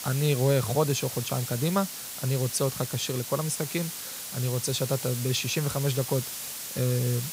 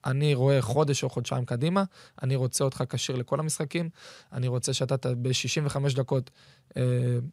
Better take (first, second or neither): second